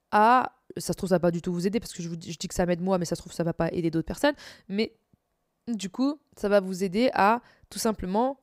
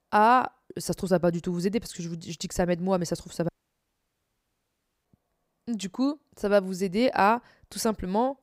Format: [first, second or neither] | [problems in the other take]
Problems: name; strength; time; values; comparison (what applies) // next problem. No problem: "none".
first | audio cutting out; at 3.5 s for 1.5 s